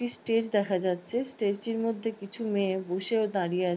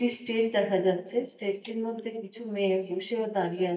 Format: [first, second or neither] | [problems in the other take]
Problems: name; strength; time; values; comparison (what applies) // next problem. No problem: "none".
first | noise reduction (neural mask model DeepFilterNet 3)